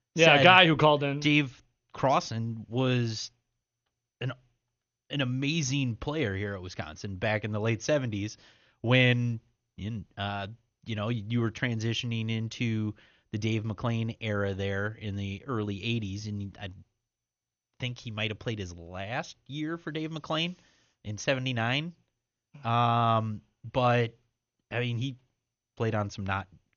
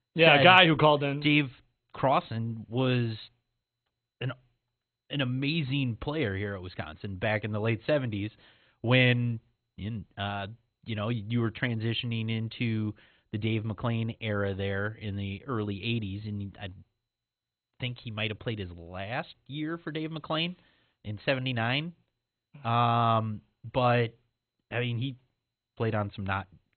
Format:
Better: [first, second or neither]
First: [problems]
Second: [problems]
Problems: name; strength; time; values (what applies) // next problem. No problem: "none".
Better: first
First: garbled, watery; slightly; nothing above 6.5 kHz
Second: garbled, watery; badly; nothing above 3.5 kHz